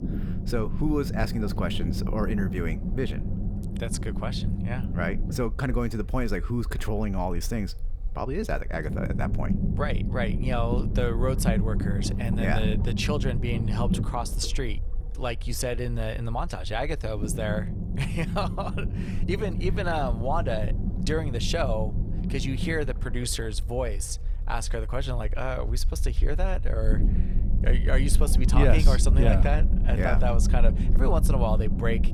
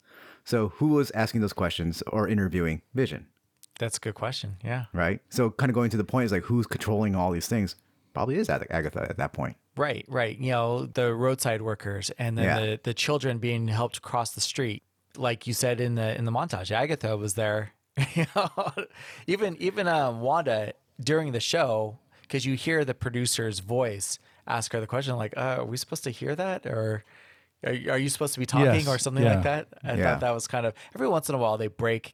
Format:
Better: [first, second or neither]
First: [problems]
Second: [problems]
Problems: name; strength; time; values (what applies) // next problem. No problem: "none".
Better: second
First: low rumble; loud; throughout; 8 dB below the speech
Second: none